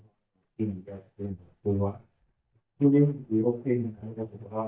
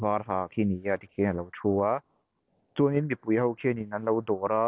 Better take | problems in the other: second | noise reduction (neural mask model DeepFilterNet 3)

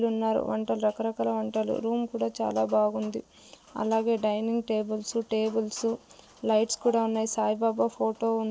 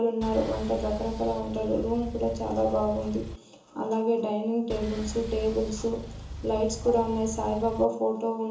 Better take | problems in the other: first | background sound (Engine); 10 dB below the speech // room echo; dies away in 0.6 s

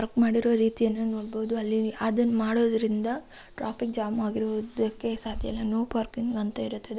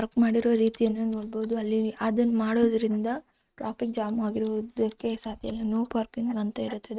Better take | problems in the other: first | noise reduction (neural mask model RNNoise)

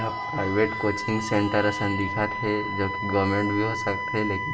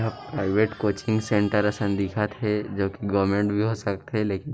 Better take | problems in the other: second | background sound (Wind instrument, woodwind instrument); 5 dB below the speech // room echo; dies away in 1.8 s

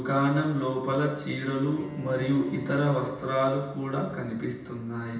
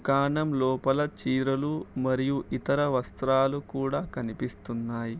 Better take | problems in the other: second | background sound (Bowed string instrument); 14 dB below the speech // room echo; dies away in 0.9 s

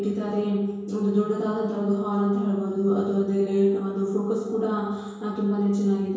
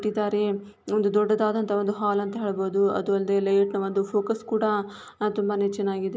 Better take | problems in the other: second | room echo; dies away in 1 s

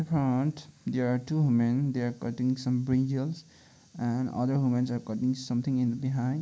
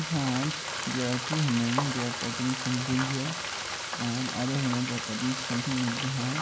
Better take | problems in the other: first | background sound (Frying (food)); 3 dB below the speech

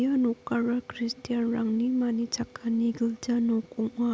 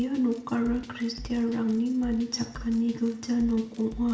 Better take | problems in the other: first | background sound (Drum kit); 17 dB below the speech // room echo; dies away in 0.8 s

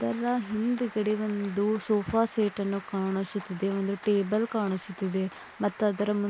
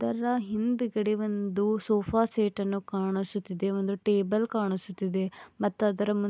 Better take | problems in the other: second | background sound (Applause); 19 dB below the speech

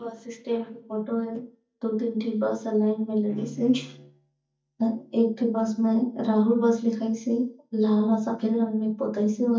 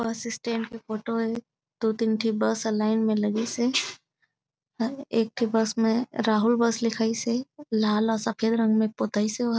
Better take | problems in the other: second | noise reduction (neural mask model DeepFilterNet 3)

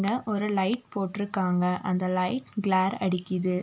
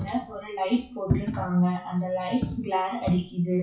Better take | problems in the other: first | noise reduction (classical method WPE with log-MMSE)

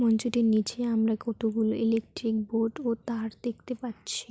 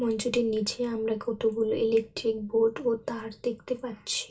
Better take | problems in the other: first | room echo; dies away in 0.2 s

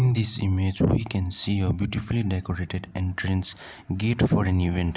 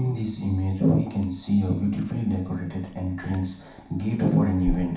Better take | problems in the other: first | background sound (Liquid); 13 dB below the speech // room echo; dies away in 0.7 s

